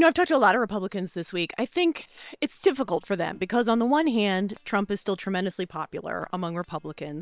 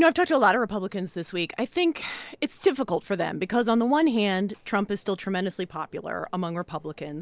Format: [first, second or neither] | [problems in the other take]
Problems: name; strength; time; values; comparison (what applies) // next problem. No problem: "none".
second | noise reduction (neural separator model SepFormer WHAM!)